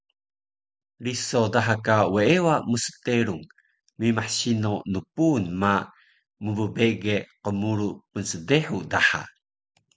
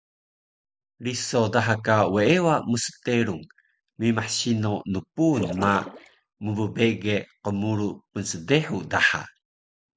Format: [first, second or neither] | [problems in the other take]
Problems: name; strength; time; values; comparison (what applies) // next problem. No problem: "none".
first | noise reduction (neural mask model Resemble Enhance denoiser)